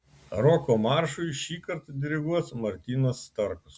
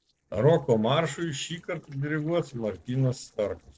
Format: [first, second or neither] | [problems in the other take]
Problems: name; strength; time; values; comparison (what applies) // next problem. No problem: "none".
first | noise reduction (neural separator model SepFormer DNS4)